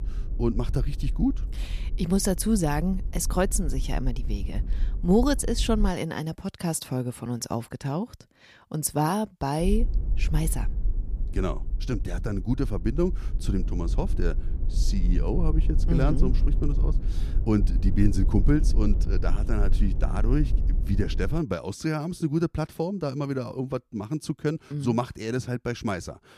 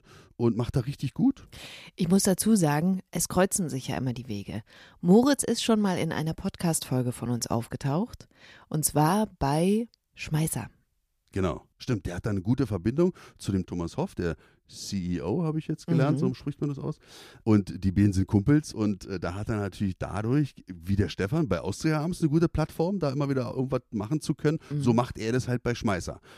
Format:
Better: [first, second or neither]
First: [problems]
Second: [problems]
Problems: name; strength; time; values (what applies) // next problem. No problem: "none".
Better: second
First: low rumble; noticeable; until 6 s and from 9.5 to 21 s; 15 dB below the speech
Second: none